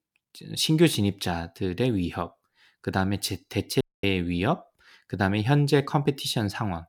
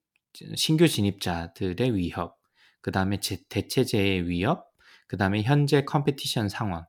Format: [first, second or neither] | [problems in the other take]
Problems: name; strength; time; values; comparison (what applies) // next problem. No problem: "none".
second | audio cutting out; at 4 s